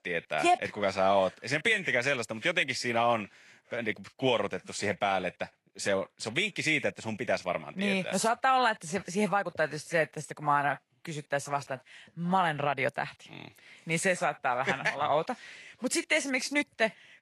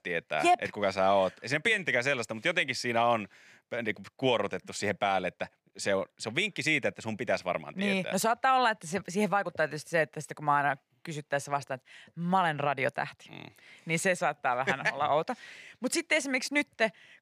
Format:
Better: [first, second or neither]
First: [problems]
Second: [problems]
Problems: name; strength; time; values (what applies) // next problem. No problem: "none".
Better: second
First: garbled, watery; slightly; nothing above 11.5 kHz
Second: none